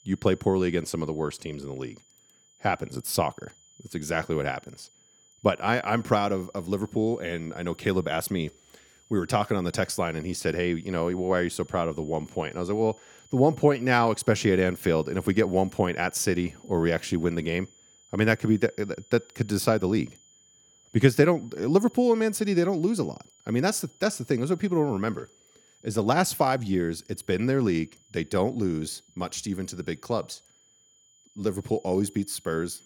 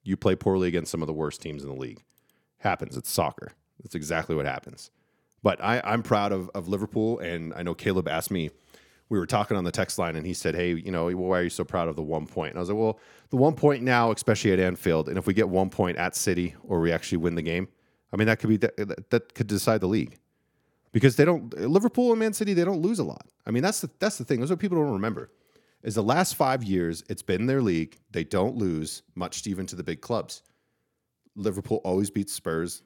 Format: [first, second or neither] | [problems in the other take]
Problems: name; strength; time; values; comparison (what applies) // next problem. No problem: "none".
second | high-pitched whine; faint; throughout; 7 kHz, 30 dB below the speech